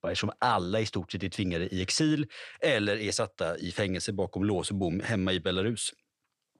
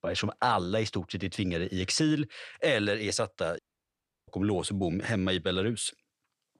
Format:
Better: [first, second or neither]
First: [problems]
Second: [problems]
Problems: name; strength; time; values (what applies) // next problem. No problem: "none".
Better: first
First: none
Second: audio cutting out; at 3.5 s for 0.5 s